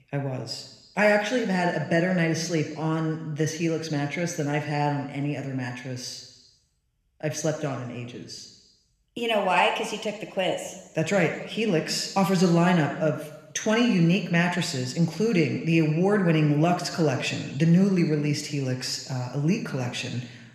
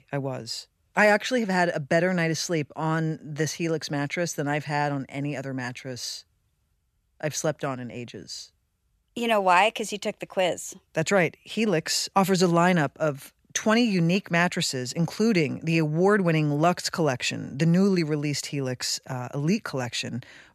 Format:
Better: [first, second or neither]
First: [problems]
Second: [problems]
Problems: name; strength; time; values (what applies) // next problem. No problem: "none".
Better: second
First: room echo; slight; dies away in 1 s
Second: none